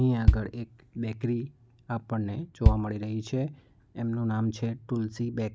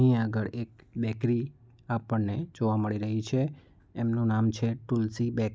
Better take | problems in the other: second | background sound (Bass drum); as loud as the speech

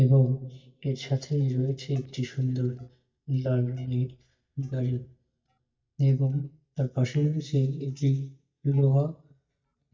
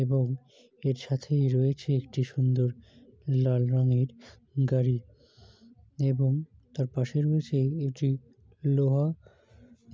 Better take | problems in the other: second | noise reduction (neural mask model DeepFilterNet 3)

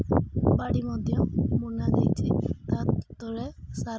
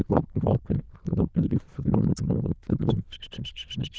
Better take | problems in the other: first | noise reduction (neural diffusion model UNIVERSE++)

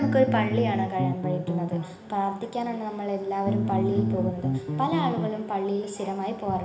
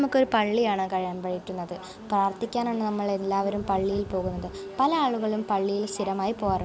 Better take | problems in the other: second | background sound (Bass guitar); as loud as the speech // room echo; dies away in 1.1 s

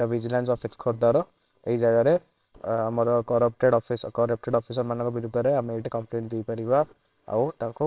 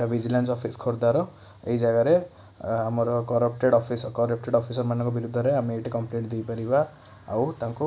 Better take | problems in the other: second | noise reduction (neural separator model SepFormer WHAMR!)

